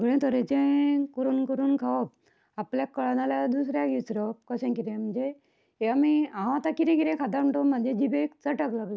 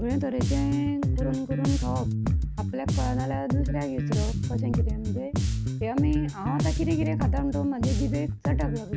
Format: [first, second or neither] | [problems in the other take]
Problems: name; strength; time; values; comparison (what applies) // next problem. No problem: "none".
first | background sound (Bass guitar); 3 dB above the speech